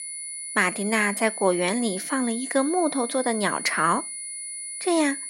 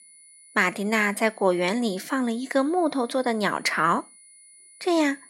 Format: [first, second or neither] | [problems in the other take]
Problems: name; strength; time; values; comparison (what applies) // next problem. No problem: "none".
second | high-pitched whine; loud; throughout; 10 kHz, 7 dB below the speech; faint in the second